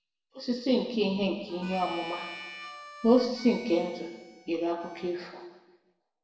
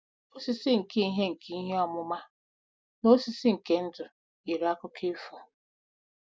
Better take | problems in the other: second | background sound (Harmonica); 15 dB below the speech // room echo; dies away in 1.1 s

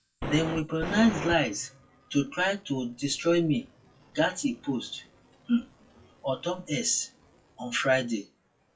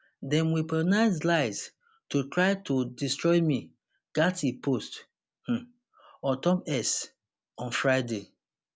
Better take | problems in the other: second | noise reduction (classical method WPE with log-MMSE)

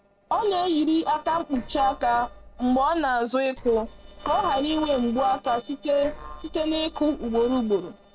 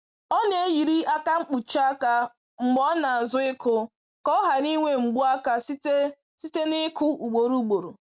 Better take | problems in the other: second | noise reduction (neural separator model SepFormer DNS4)

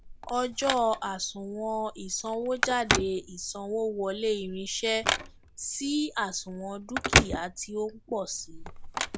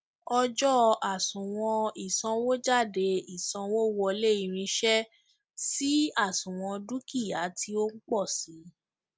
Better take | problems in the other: second | background sound (Telephone); 2 dB below the speech

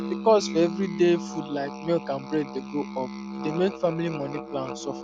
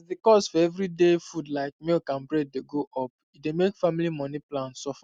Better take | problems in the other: second | background sound (Musical instrument); 8 dB below the speech

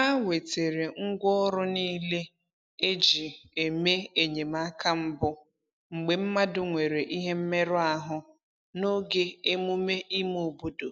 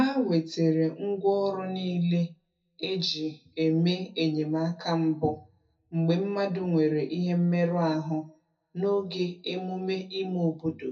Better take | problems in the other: first | room echo; dies away in 0.3 s

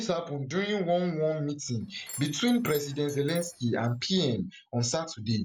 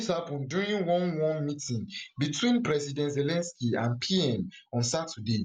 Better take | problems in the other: second | background sound (Door / Chime); 17 dB below the speech

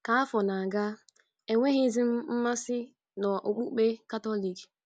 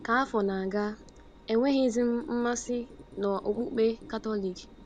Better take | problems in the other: first | background sound (Engine + Squeak); 20 dB below the speech

